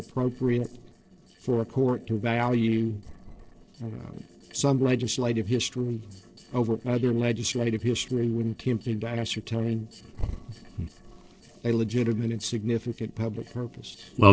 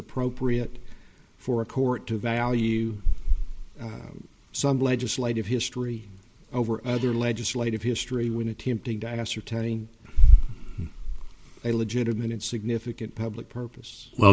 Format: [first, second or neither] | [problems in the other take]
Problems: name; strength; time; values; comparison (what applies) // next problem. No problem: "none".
second | noise reduction (neural separator model SepFormer DNS4)